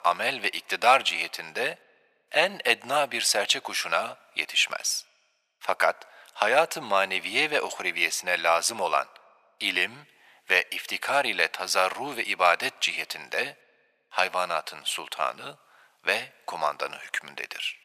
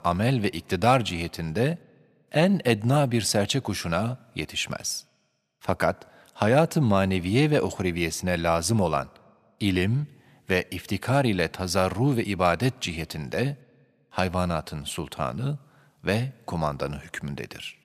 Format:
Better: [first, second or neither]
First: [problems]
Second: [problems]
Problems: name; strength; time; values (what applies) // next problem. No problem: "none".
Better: second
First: thin; very; fading below 800 Hz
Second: none